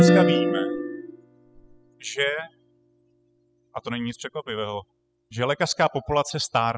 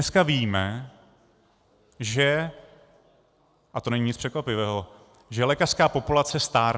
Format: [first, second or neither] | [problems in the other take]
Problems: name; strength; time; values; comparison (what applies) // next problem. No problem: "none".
second | noise reduction (classical method spectral subtraction)